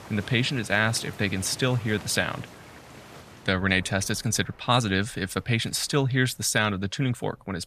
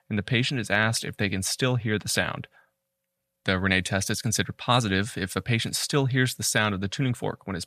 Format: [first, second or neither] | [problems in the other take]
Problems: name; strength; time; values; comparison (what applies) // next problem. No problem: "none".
second | rain or running water; noticeable; throughout; 20 dB below the speech